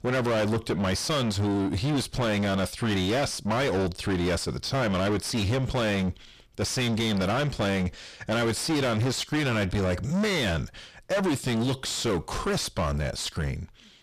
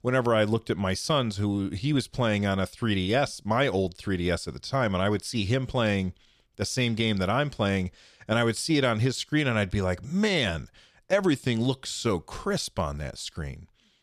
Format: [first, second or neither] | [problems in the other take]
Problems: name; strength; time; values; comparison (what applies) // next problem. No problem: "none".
second | distortion; heavy; 5 dB below the speech